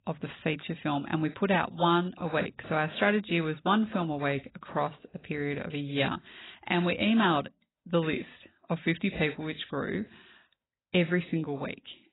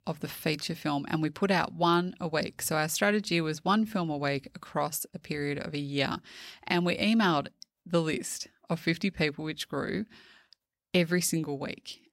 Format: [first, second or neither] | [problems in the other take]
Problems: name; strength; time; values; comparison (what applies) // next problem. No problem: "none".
second | garbled, watery; badly; nothing above 4 kHz